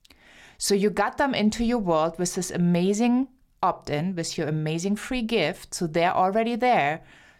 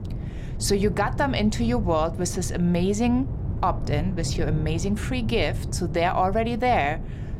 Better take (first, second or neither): first